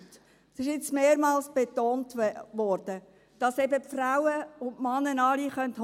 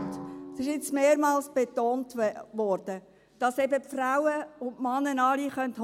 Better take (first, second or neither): first